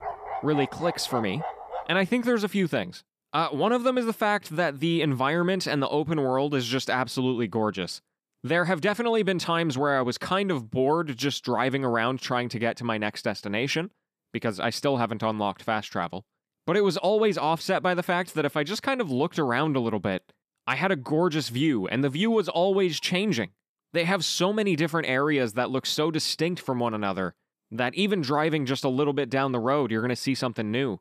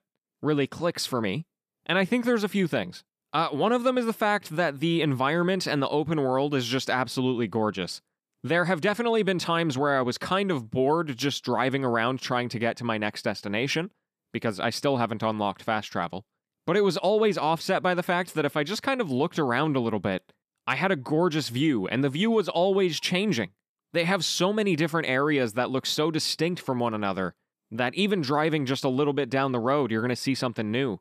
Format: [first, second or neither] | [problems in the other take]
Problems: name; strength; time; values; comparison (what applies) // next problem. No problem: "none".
second | dog barking; noticeable; until 2 s; peak 7 dB below the speech